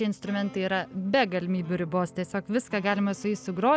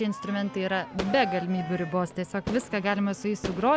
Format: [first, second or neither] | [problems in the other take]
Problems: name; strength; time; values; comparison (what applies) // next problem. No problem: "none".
first | background sound (Crowd / Fireworks); 10 dB below the speech